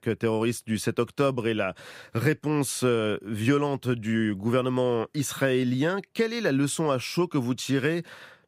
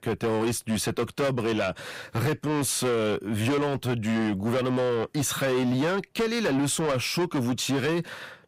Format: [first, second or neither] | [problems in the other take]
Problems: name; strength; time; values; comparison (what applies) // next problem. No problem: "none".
first | distortion; heavy; 7 dB below the speech